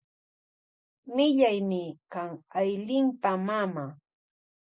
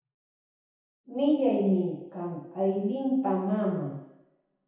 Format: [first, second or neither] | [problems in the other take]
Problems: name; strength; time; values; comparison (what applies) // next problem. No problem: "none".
first | room echo; dies away in 1 s